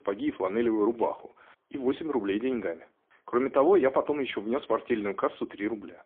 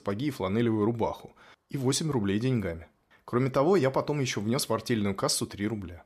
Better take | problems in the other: second | phone-call audio; poor line; nothing above 3.5 kHz

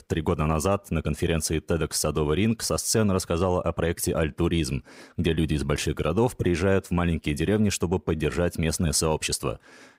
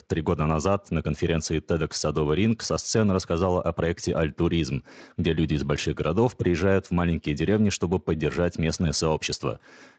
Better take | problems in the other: first | garbled, watery; slightly; nothing above 7.5 kHz

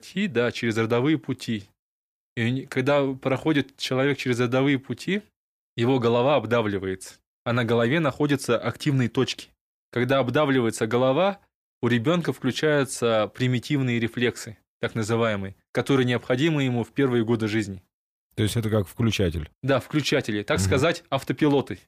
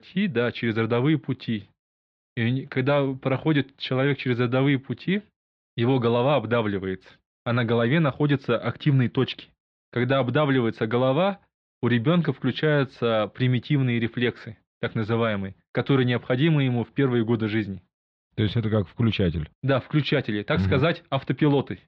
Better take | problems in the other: first | muffled; slightly; fading above 4 kHz

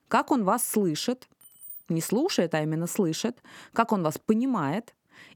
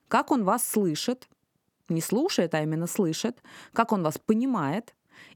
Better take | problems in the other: second | jangling keys; faint; at 1.5 s; peak 15 dB below the speech

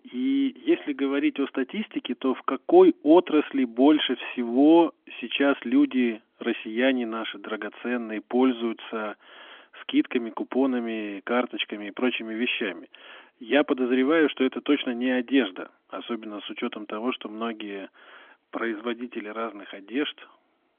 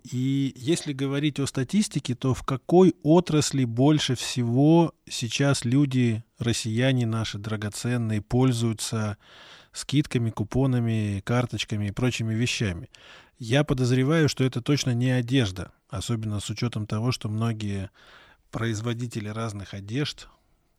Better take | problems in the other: second | phone-call audio; nothing above 3.5 kHz

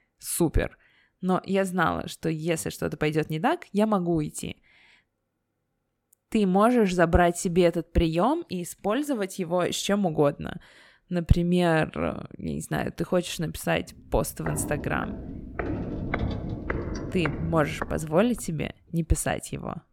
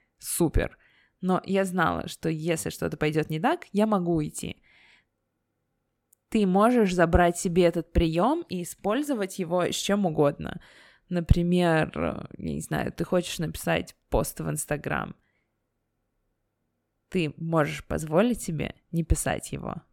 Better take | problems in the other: second | footsteps; noticeable; from 14 to 18 s; peak 4 dB below the speech

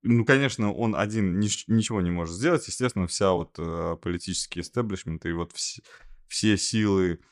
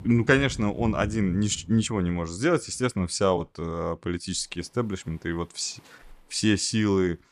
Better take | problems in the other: first | rain or running water; noticeable; throughout; 15 dB below the speech

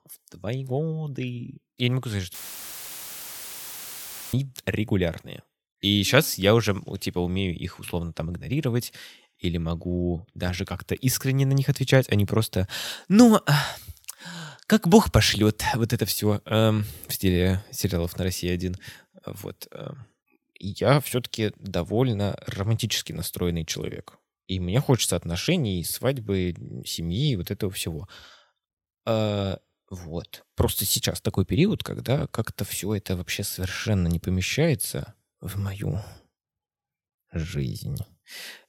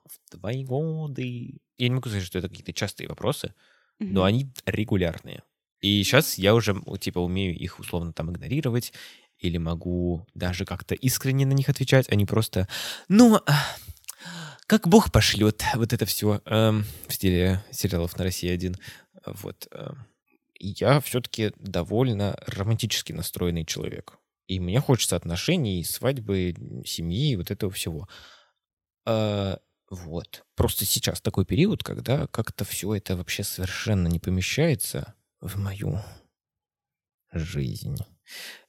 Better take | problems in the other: second | audio cutting out; filled with static; at 2.5 s for 2 s

